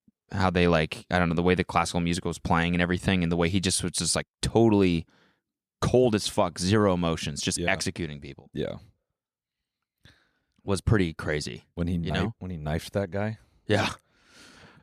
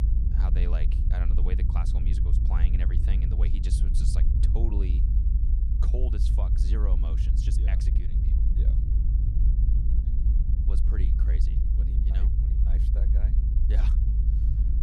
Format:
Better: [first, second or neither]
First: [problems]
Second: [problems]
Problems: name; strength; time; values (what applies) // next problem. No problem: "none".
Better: first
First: none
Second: low rumble; loud; throughout; as loud as the speech